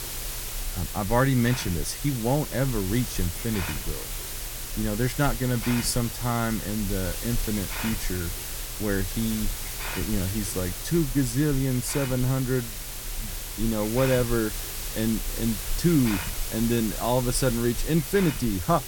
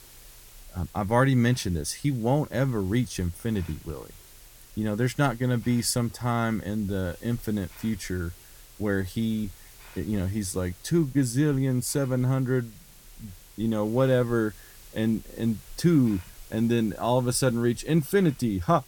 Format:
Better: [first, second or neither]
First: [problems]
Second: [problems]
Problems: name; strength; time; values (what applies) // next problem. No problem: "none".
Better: second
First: hiss; loud; throughout; 5 dB below the speech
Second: hiss; faint; throughout; 20 dB below the speech